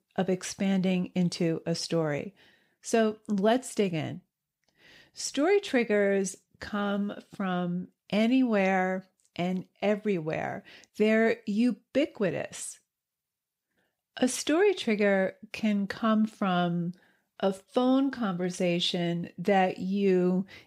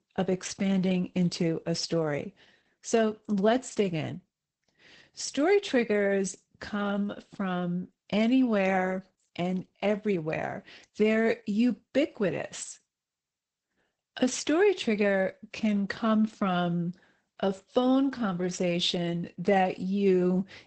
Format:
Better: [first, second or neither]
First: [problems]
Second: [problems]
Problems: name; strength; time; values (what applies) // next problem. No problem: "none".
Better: first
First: none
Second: garbled, watery; badly; nothing above 8 kHz